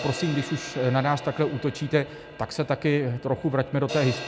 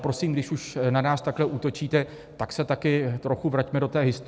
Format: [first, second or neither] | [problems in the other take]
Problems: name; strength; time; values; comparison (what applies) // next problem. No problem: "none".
second | background sound (Crash cymbal); 13 dB below the speech